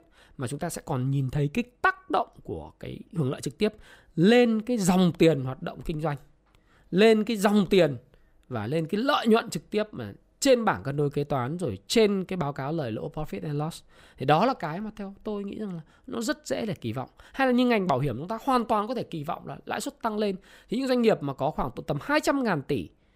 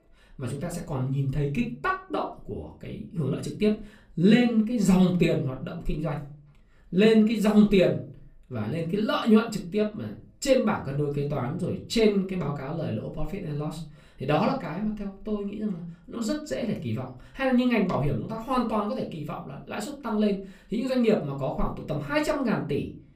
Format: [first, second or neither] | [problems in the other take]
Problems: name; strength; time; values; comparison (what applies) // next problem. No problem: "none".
first | off-mic speech; far // room echo; very slight; dies away in 0.3 s